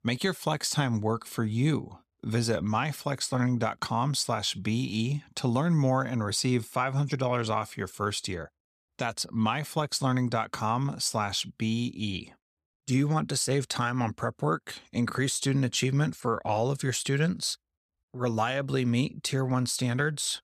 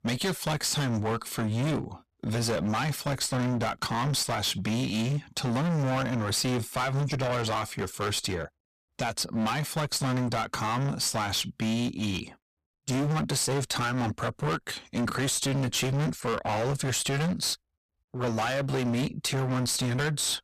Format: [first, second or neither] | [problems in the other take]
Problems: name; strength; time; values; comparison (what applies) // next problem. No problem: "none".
first | distortion; heavy; 27% of the sound clipped